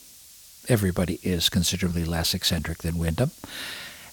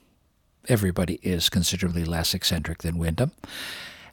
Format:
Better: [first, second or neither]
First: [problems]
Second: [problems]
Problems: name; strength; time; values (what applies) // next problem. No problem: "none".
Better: second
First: hiss; faint; throughout; 20 dB below the speech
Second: none